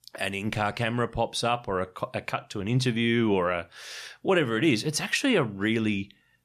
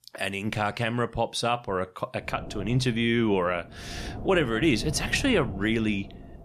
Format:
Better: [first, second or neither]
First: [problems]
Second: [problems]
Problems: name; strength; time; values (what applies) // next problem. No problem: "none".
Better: first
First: none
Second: wind noise on the microphone; occasional gusts; from 2 s on; 15 dB below the speech